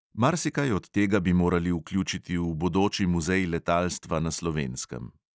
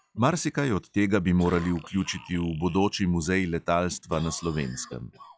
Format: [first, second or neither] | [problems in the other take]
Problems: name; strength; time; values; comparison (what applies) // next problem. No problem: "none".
first | noise reduction (classical method log-MMSE)